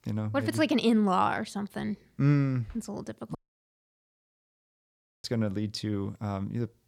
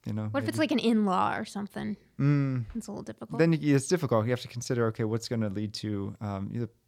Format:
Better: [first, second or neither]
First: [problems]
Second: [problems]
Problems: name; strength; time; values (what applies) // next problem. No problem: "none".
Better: second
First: audio cutting out; at 3.5 s for 2 s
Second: none